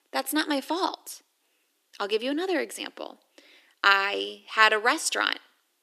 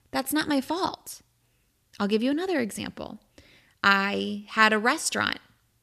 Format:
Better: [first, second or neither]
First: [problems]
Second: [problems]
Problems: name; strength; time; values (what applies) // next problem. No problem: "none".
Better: second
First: thin; somewhat; fading below 300 Hz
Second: none